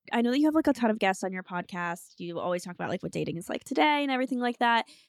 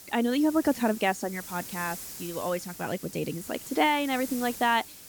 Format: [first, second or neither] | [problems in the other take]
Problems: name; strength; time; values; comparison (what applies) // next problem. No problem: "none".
first | hiss; noticeable; throughout; 10 dB below the speech